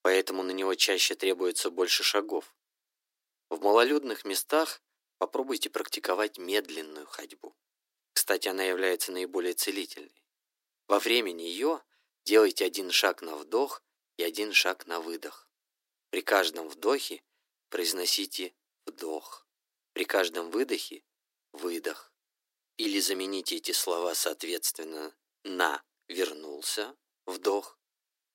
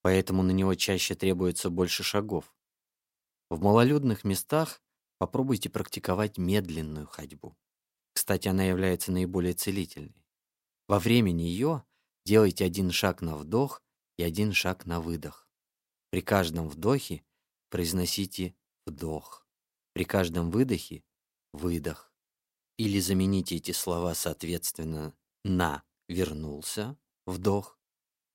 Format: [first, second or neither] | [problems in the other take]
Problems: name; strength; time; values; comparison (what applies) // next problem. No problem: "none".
second | thin; very; fading below 300 Hz